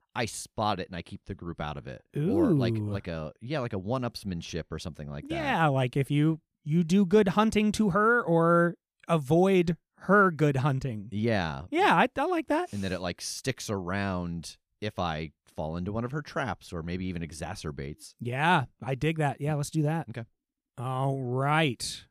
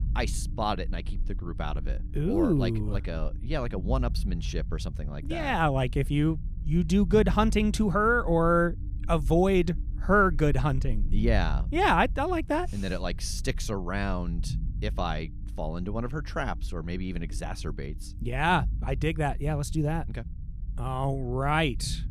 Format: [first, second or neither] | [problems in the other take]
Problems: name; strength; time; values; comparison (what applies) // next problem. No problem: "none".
first | low rumble; faint; throughout; 25 dB below the speech